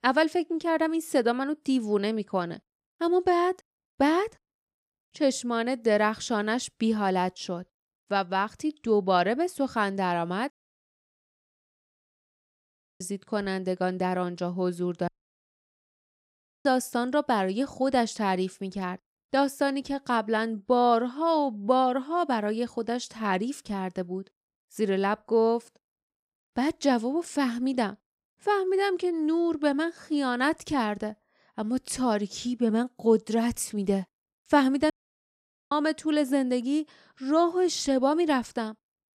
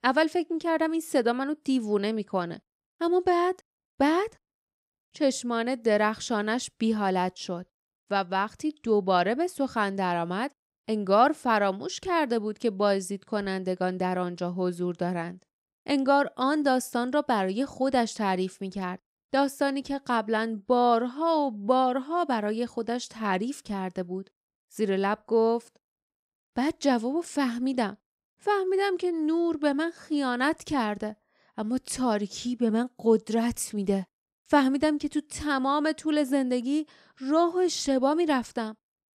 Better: second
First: audio cutting out; at 11 s for 2.5 s, at 15 s for 1.5 s and at 35 s for 1 s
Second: none

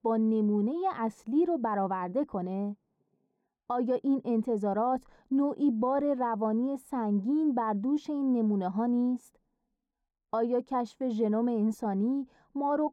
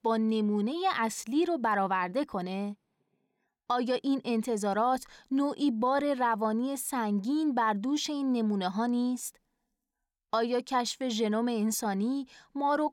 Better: second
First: muffled; very; fading above 1.5 kHz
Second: none

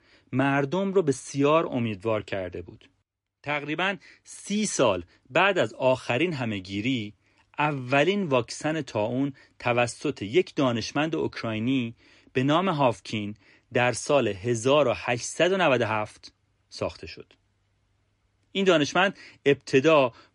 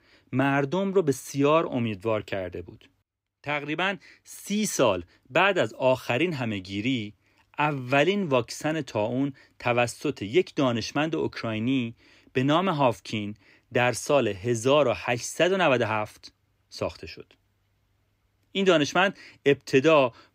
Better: second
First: garbled, watery; slightly; nothing above 10.5 kHz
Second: none

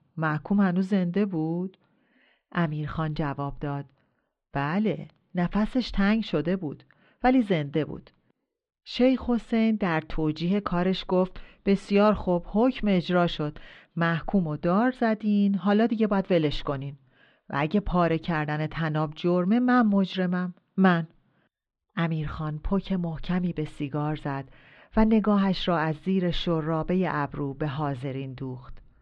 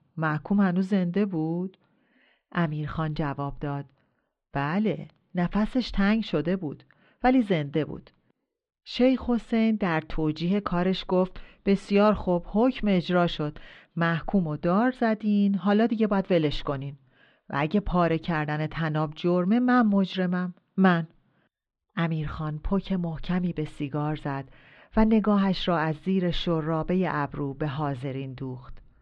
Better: neither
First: muffled; very; fading above 3.5 kHz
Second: muffled; very; fading above 3.5 kHz

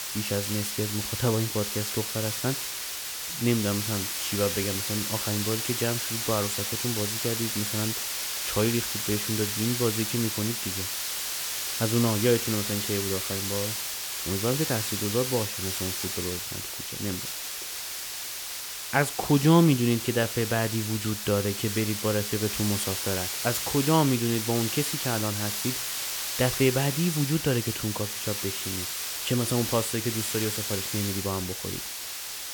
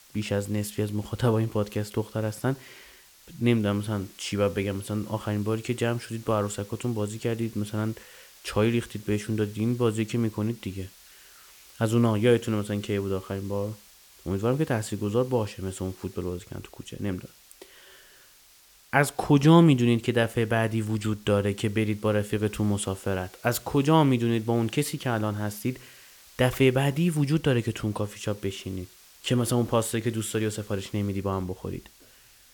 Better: second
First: hiss; loud; throughout; 1 dB below the speech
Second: hiss; faint; throughout; 25 dB below the speech

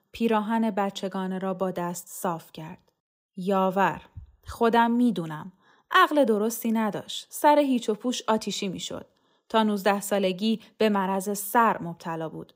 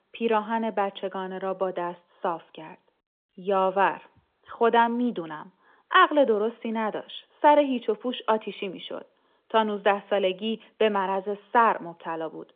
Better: first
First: none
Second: phone-call audio; nothing above 3.5 kHz

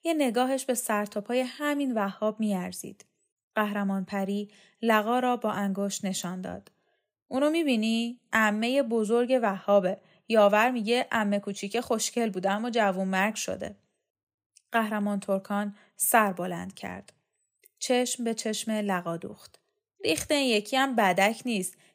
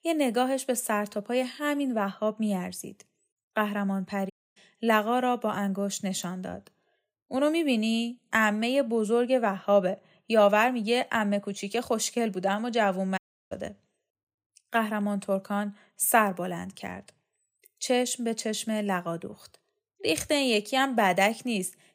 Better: first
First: none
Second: audio cutting out; at 4.5 s and at 13 s

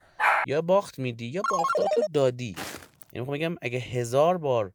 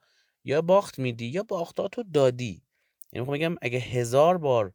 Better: second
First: dog barking; loud; at the start; peak 4 dB above the speech // phone ringing; loud; at 1.5 s; peak 3 dB above the speech // footsteps; noticeable; at 2.5 s; peak 10 dB below the speech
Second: none

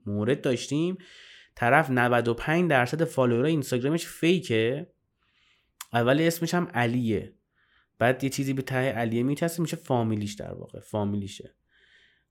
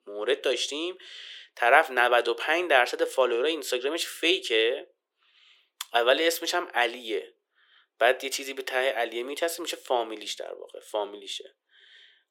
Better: first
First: none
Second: thin; very; fading below 400 Hz

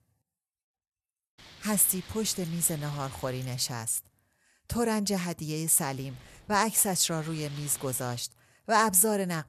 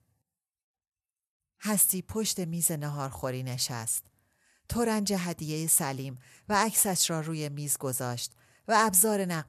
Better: second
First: wind noise on the microphone; occasional gusts; from 1.5 to 3.5 s and from 6 to 8 s; 20 dB below the speech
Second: none

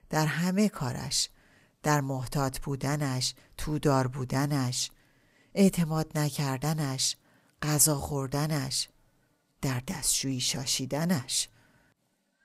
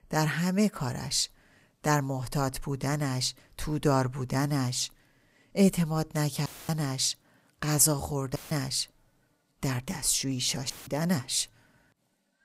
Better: first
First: none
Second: audio cutting out; filled with static; at 6.5 s, at 8.5 s and at 11 s

